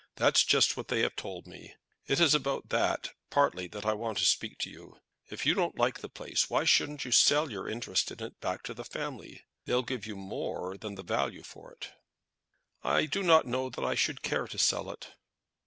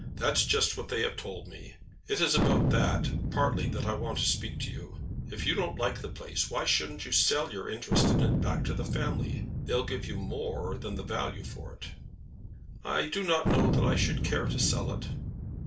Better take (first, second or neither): first